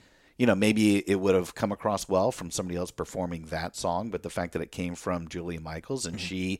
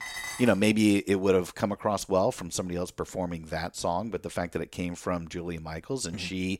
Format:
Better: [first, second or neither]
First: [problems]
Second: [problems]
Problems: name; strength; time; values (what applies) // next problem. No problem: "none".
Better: first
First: none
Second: clattering dishes; noticeable; at the start; peak 6 dB below the speech